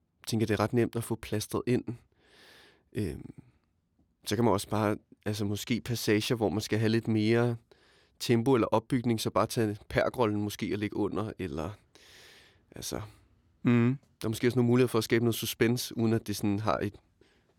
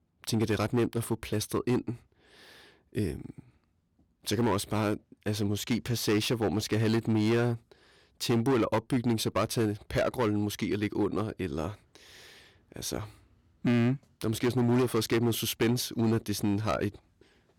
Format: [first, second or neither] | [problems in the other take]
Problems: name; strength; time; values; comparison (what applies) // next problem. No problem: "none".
first | distortion; slight; 7% of the sound clipped